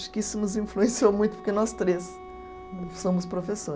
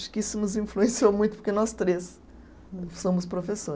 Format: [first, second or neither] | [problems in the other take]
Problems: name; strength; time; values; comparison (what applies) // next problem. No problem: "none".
second | background sound (Wind instrument, woodwind instrument); 17 dB below the speech